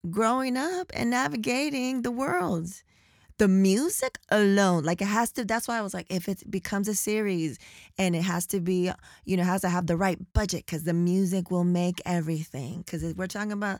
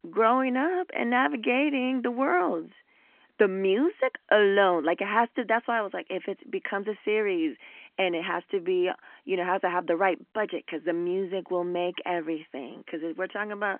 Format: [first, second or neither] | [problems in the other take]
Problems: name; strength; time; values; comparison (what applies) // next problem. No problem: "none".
first | phone-call audio